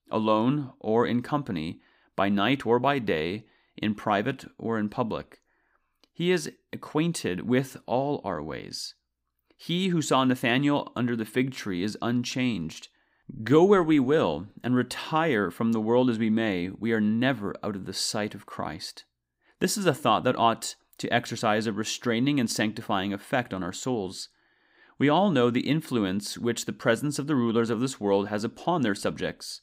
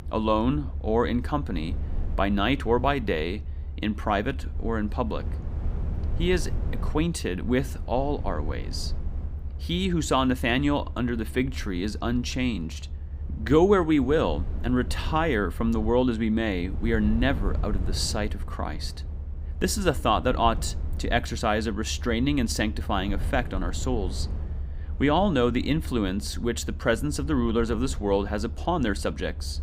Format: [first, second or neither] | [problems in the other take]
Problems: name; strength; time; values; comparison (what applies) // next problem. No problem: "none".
first | low rumble; faint; throughout; 20 dB below the speech